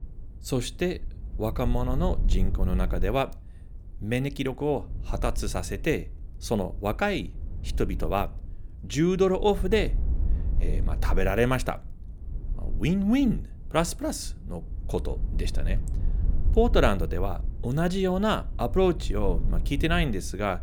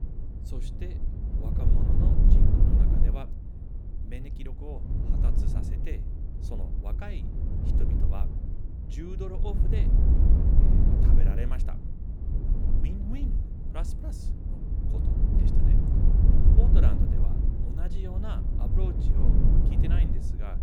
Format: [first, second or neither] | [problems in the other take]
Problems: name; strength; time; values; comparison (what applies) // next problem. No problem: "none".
first | wind noise on the microphone; heavy; 4 dB above the speech; occasional gusts in the first